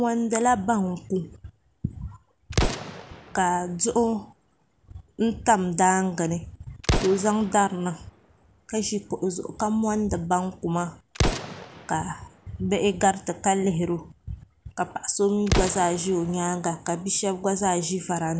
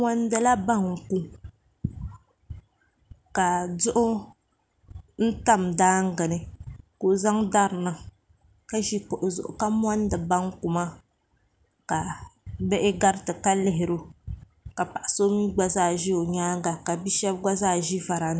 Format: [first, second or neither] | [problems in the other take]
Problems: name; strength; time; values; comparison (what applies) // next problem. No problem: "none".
second | background sound (Explosion); 9 dB below the speech